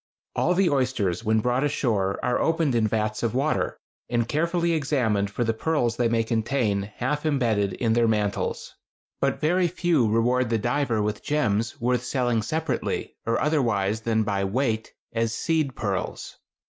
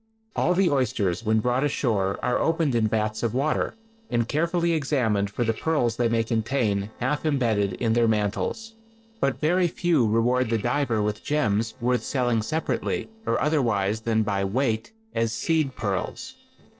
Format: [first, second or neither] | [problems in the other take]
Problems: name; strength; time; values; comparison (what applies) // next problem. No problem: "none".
first | noise reduction (neural separator model SepFormer DNS4)